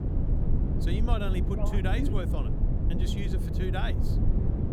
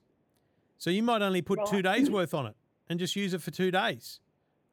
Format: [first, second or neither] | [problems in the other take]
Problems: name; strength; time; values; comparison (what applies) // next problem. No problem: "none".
second | low rumble; loud; throughout; 4 dB below the speech